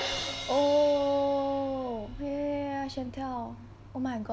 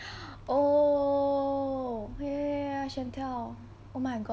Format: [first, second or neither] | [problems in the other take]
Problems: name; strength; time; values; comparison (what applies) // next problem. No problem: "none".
second | background sound (Crash cymbal); 12 dB below the speech